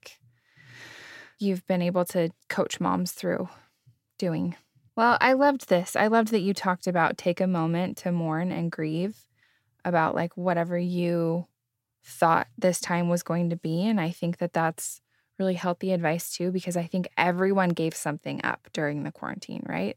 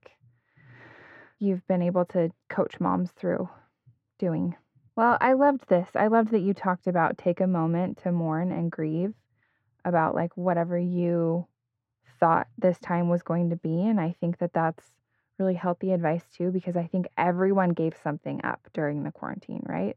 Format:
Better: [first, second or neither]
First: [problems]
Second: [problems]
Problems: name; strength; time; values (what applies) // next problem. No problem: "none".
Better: first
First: none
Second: muffled; very; fading above 3.5 kHz